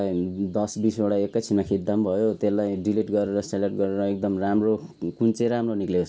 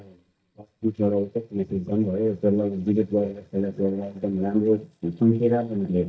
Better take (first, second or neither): first